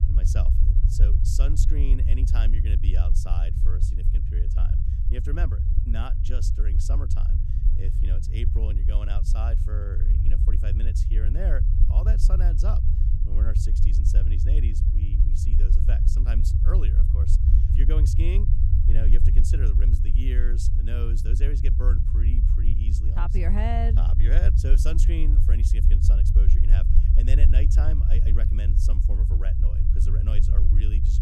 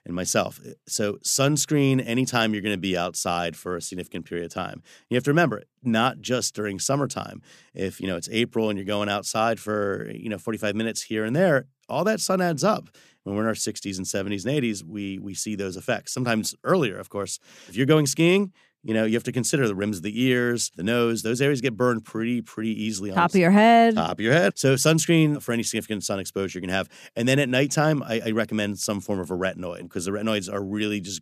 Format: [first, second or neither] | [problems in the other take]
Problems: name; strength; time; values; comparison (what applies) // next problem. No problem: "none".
second | low rumble; loud; throughout; 2 dB below the speech